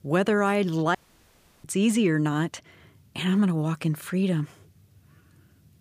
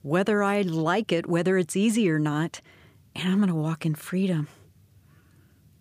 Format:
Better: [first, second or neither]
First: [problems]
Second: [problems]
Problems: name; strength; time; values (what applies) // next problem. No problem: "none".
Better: second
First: audio cutting out; at 1 s for 0.5 s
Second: none